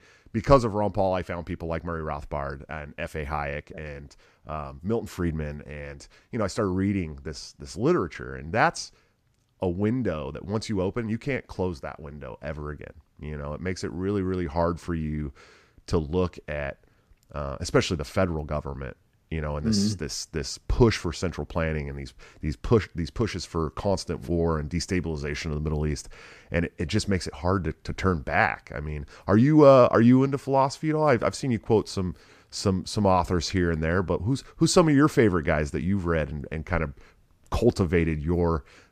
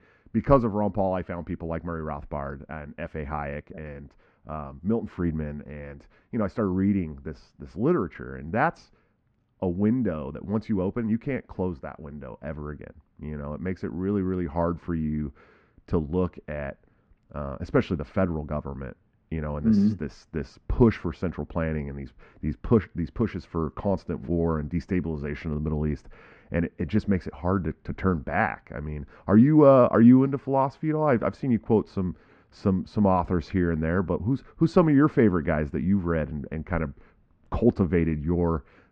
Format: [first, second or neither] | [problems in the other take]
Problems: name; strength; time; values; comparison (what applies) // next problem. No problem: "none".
first | muffled; very; fading above 2 kHz